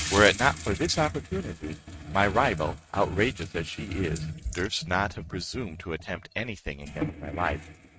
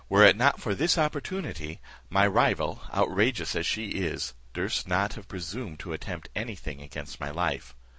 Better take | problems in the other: second | noise reduction (neural mask model RNNoise)

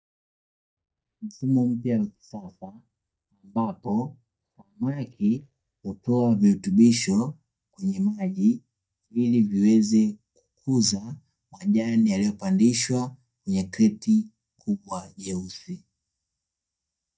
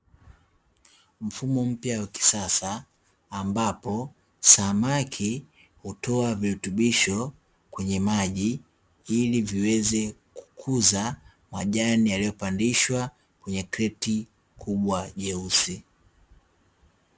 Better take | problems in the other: second | noise reduction (neural mask model DeepFilterNet 3)

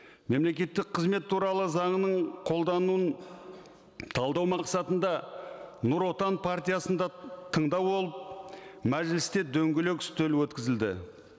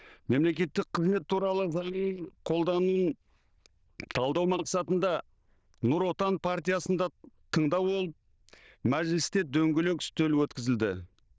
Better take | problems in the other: first | noise reduction (neural diffusion model UNIVERSE++)

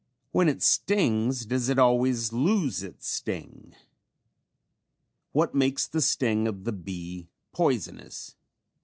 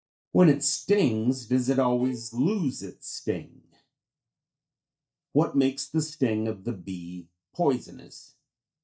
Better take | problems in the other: first | noise reduction (neural mask model DeepFilterNet 3)

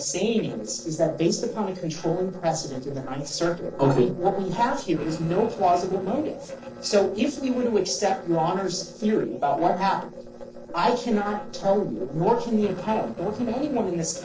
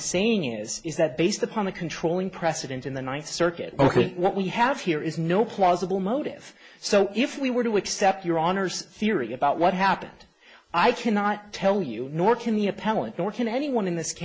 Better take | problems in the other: second | noise reduction (neural separator model SepFormer DNS4)

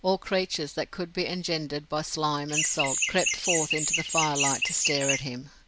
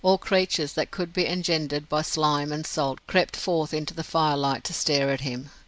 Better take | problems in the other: second | background sound (Chirp, tweet); 2 dB above the speech

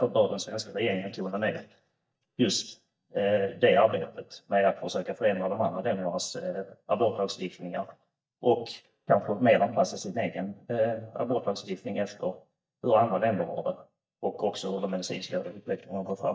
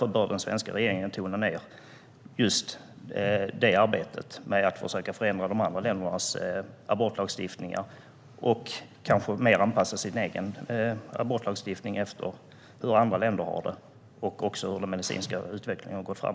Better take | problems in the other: second | noise reduction (neural mask model DeepFilterNet 3)

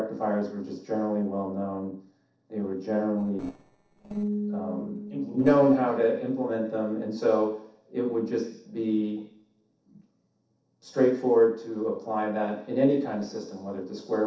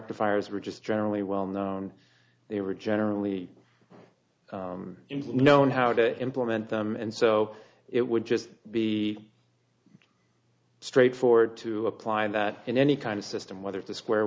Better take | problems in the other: second | noise reduction (neural separator model SepFormer DNS4)

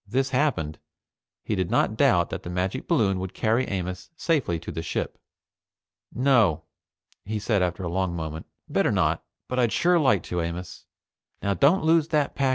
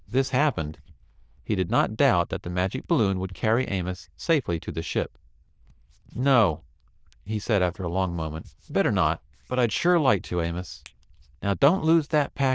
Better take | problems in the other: first | noise reduction (neural diffusion model UNIVERSE++)

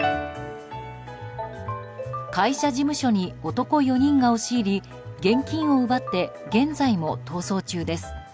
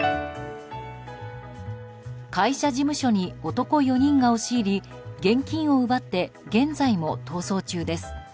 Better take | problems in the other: second | background sound (Ringtone); 13 dB below the speech

